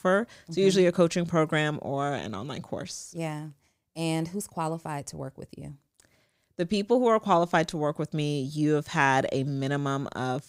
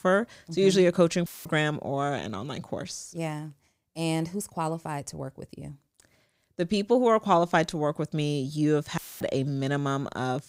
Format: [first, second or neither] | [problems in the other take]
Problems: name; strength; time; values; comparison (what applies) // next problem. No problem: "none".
first | audio cutting out; filled with static; at 1.5 s and at 9 s